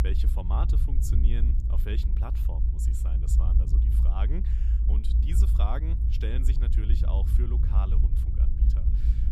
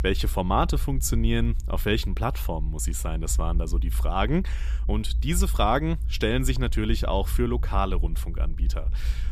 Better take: second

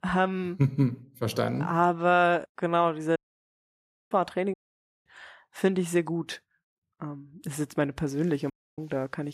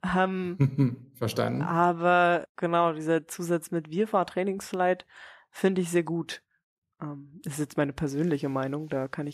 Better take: second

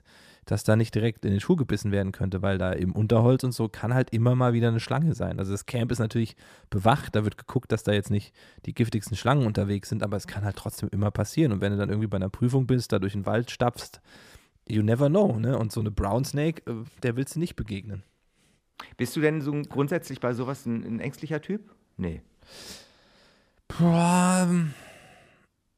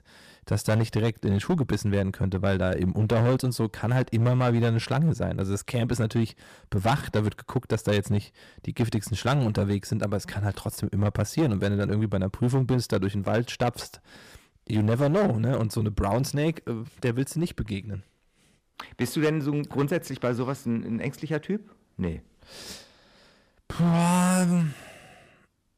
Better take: first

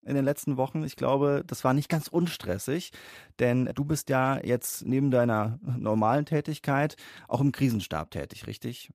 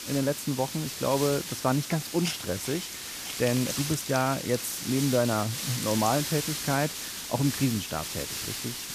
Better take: first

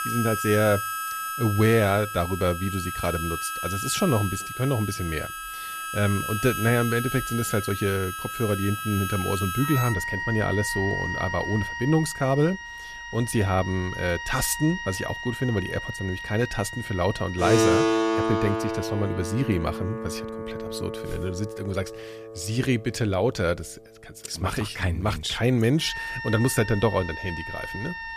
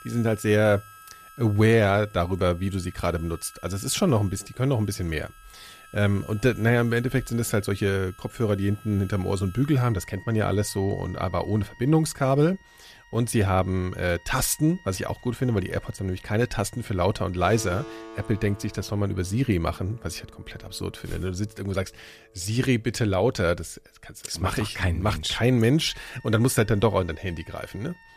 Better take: second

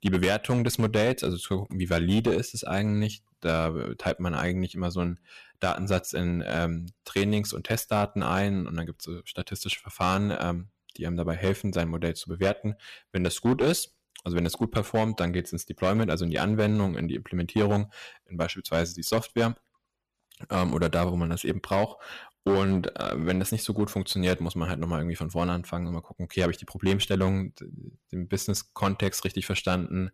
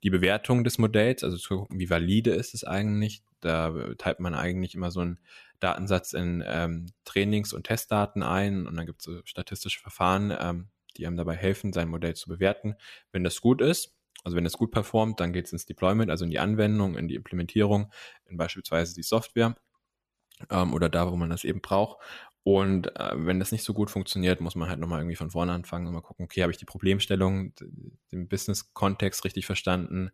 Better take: second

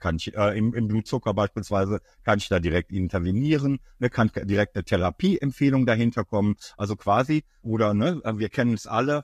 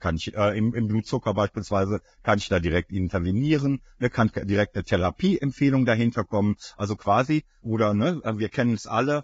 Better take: first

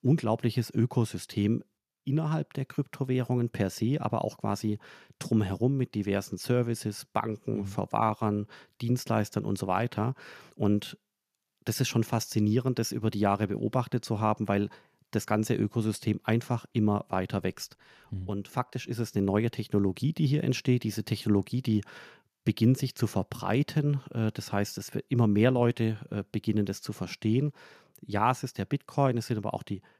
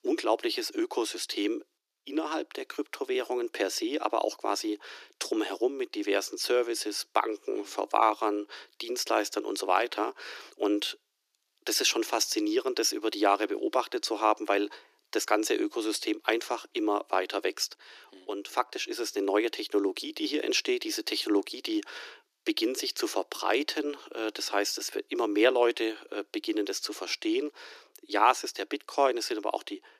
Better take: first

